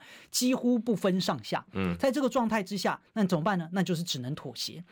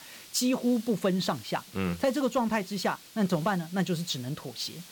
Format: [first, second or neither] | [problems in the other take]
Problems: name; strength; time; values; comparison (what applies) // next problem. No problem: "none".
first | hiss; noticeable; throughout; 20 dB below the speech